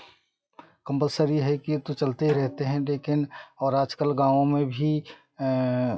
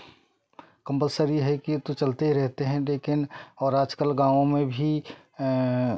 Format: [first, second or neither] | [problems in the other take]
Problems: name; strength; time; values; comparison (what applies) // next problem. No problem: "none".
second | noise reduction (classical method WPE with log-MMSE)